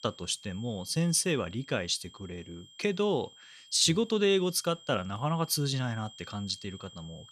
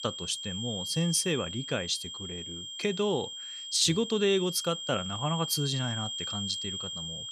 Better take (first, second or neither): first